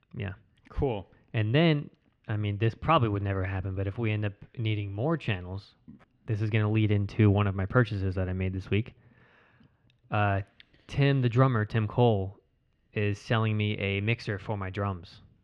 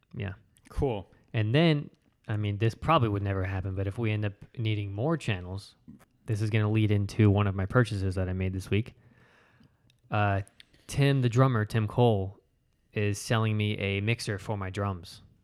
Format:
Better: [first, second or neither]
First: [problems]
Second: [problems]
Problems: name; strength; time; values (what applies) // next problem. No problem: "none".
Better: second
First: muffled; slightly; fading above 3 kHz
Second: none